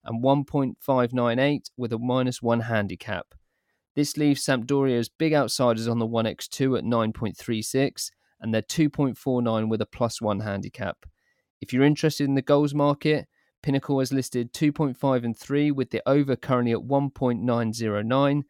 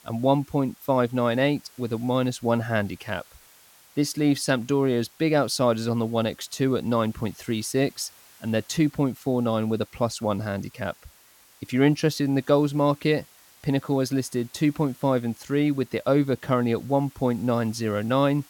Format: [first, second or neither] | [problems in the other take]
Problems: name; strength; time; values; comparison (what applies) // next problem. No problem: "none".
first | hiss; faint; throughout; 25 dB below the speech